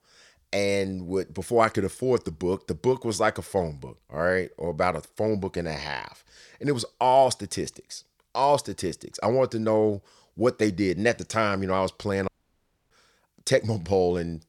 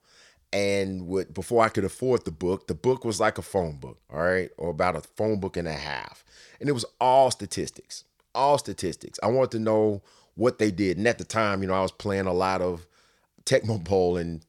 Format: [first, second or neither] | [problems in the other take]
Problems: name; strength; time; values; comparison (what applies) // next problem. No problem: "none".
second | audio cutting out; at 12 s for 0.5 s